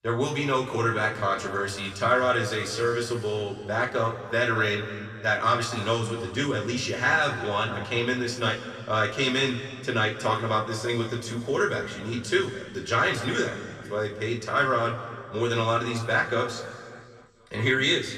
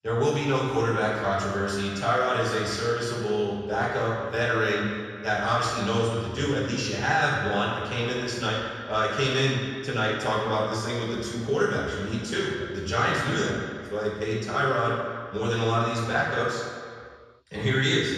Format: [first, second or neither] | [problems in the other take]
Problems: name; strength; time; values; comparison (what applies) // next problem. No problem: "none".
first | room echo; strong; dies away in 1.7 s; slight in the first // off-mic speech; far; somewhat distant in the first